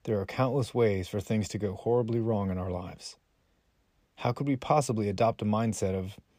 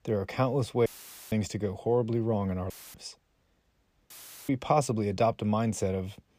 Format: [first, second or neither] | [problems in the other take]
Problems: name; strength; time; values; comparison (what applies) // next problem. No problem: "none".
first | audio cutting out; filled with static; at 1 s, at 2.5 s and at 4 s